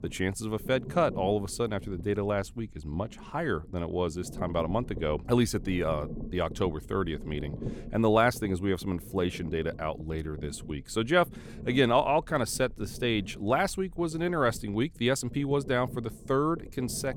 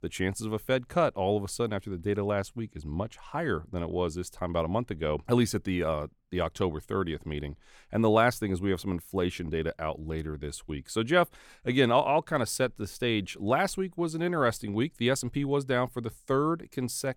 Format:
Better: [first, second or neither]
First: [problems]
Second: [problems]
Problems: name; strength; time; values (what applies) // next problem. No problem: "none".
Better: second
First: low rumble; faint; throughout; 20 dB below the speech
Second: none